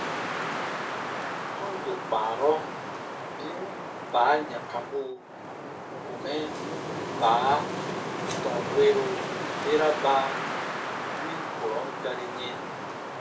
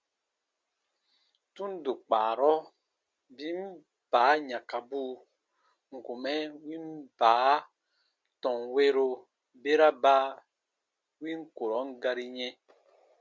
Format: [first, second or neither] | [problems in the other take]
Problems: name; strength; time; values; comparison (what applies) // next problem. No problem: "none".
second | background sound (Wind); 3 dB below the speech // room echo; dies away in 0.3 s